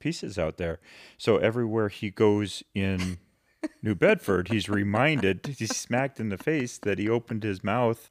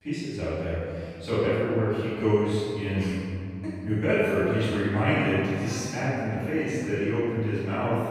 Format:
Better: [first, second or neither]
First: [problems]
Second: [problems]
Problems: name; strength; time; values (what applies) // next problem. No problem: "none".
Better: first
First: none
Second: room echo; strong; dies away in 2.4 s // off-mic speech; far